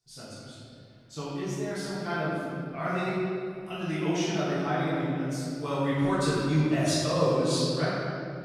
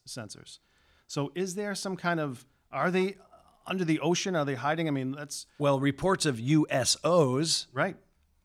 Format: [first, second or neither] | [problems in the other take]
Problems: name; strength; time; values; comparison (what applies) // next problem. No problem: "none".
second | off-mic speech; far // room echo; strong; dies away in 2.3 s